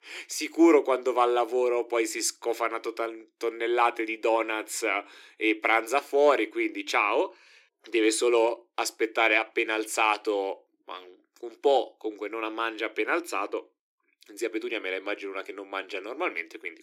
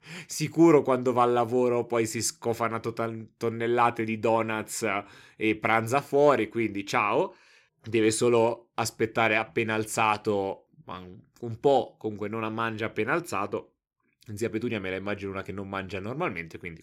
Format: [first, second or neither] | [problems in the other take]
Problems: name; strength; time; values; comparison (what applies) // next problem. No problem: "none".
second | thin; somewhat; fading below 300 Hz